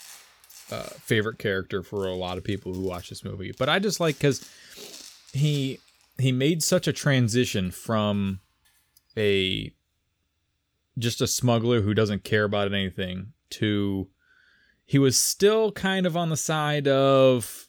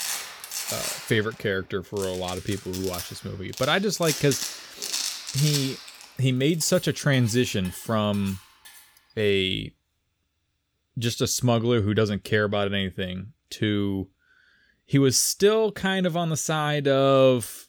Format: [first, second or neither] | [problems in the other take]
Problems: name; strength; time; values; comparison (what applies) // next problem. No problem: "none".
first | household noises; loud; until 8.5 s; 8 dB below the speech; faint in the first